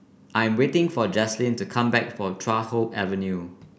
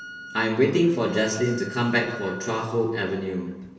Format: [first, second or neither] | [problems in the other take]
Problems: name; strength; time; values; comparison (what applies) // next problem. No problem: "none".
first | background sound (Wind instrument, woodwind instrument); 17 dB below the speech // room echo; dies away in 1 s